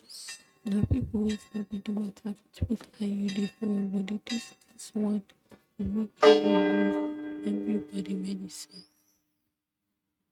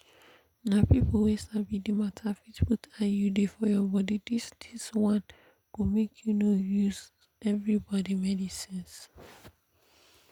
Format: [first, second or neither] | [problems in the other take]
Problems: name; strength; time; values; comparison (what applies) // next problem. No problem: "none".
second | noise reduction (neural mask model RNNoise)